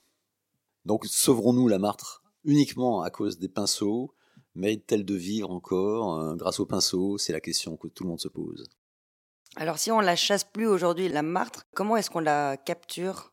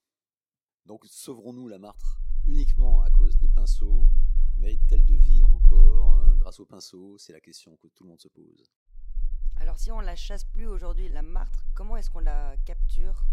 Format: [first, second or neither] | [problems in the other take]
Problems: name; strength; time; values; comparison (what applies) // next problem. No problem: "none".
first | low rumble; loud; from 2 to 6.5 s and from 9 s on; 9 dB below the speech